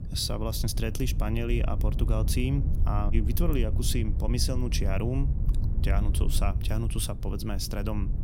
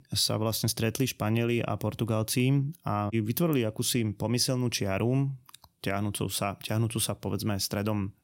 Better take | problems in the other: second | wind noise on the microphone; occasional gusts; 10 dB below the speech

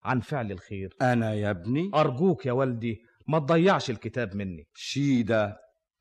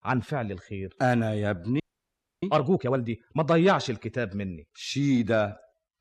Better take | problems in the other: first | audio freezing; at 2 s for 0.5 s

